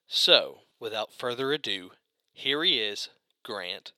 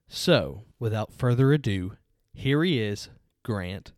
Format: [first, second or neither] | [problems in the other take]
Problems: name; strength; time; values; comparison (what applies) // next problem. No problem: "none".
second | thin; very; fading below 550 Hz